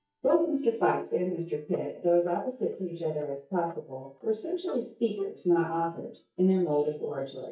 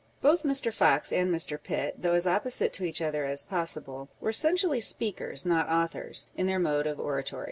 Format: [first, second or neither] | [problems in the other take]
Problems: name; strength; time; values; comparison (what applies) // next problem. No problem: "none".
second | noise reduction (neural mask model DeepFilterNet 3)